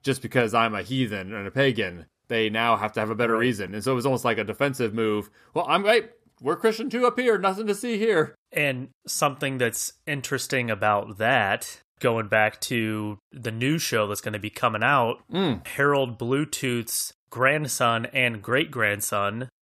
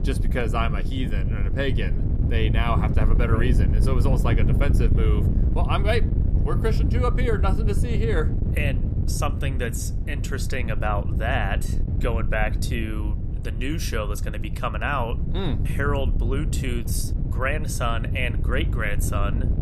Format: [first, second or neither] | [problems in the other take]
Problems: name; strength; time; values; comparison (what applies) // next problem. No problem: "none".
first | wind noise on the microphone; heavy; 9 dB below the speech